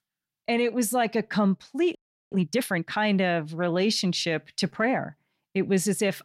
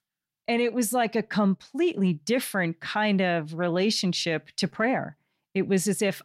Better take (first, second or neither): second